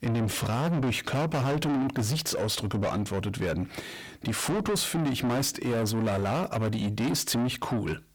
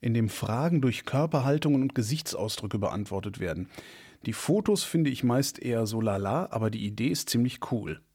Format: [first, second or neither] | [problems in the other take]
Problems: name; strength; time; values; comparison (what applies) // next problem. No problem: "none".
second | distortion; heavy; 6 dB below the speech